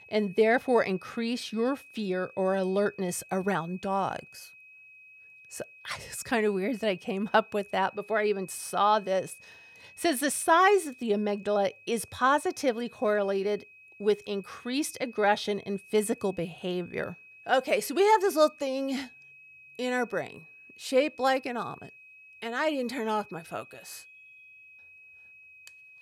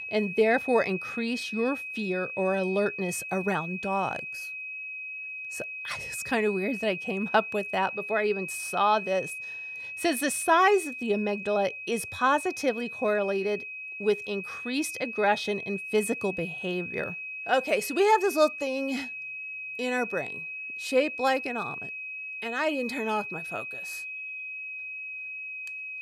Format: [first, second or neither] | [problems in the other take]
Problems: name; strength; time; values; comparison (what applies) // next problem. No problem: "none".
first | high-pitched whine; loud; throughout; 2.5 kHz, 7 dB below the speech; faint in the first